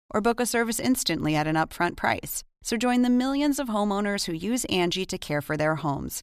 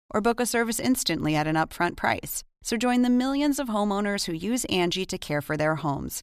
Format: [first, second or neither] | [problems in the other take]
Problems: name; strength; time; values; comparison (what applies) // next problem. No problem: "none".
neither | none